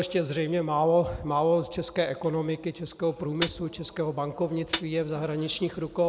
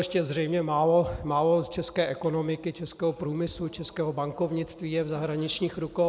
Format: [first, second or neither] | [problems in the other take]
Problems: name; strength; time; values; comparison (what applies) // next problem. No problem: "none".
second | background sound (Hi-hat); 11 dB below the speech